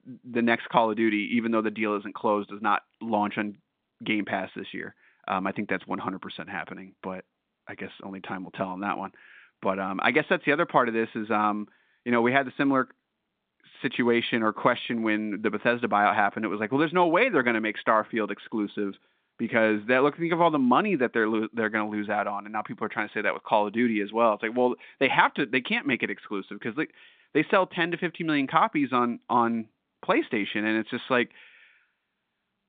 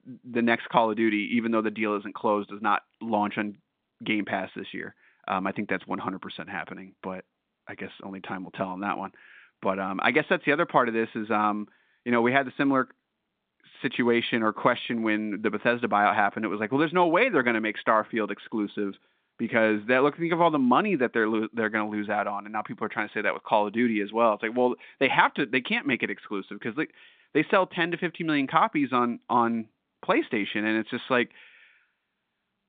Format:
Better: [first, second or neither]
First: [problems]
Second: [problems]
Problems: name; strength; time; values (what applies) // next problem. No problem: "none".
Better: neither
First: phone-call audio; nothing above 3.5 kHz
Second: phone-call audio; nothing above 3.5 kHz